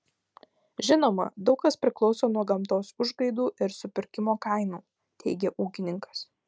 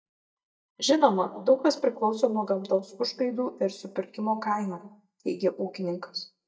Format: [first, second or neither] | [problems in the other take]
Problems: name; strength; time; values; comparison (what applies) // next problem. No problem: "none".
first | noise reduction (neural mask model DeepFilterNet 3)